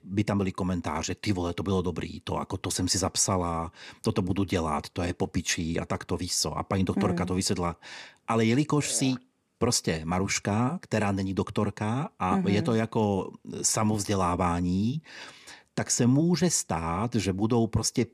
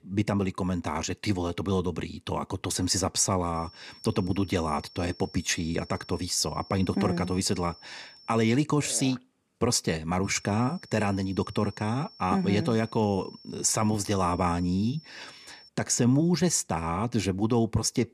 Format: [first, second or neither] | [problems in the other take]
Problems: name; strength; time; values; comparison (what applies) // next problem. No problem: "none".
first | high-pitched whine; faint; from 3.5 to 8.5 s and from 10 to 16 s; 5.5 kHz, 20 dB below the speech